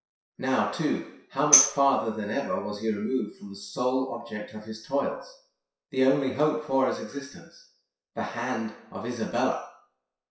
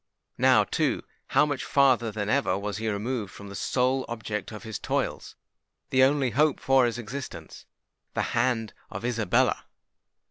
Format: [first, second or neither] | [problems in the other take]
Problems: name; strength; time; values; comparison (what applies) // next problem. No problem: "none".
second | noise reduction (classical method WPE with log-MMSE)